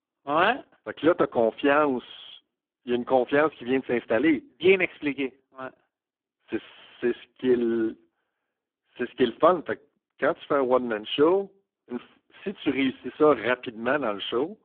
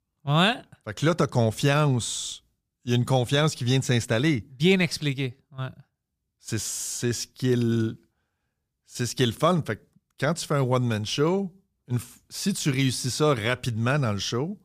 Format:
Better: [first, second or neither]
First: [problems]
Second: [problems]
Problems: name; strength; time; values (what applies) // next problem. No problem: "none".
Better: second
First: phone-call audio; poor line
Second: none